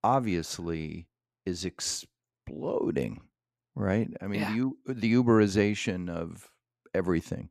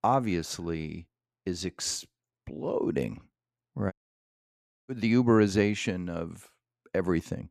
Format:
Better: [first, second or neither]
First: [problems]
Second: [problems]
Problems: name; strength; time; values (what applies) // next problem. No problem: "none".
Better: first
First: none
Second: audio cutting out; at 4 s for 1 s